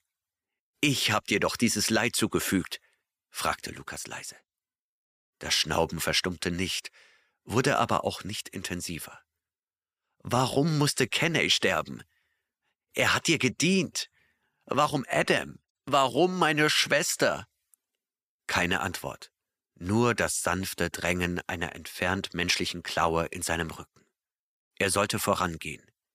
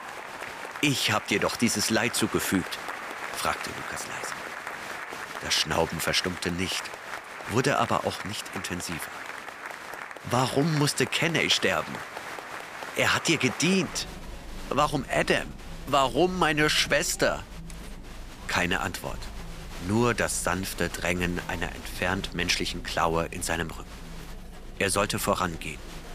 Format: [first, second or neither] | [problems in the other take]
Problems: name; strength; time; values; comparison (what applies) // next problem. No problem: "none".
first | crowd noise; noticeable; throughout; 10 dB below the speech